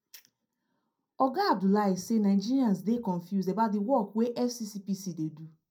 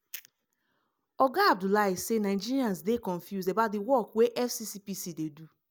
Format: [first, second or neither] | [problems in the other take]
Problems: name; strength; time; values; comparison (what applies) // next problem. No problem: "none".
second | room echo; dies away in 0.2 s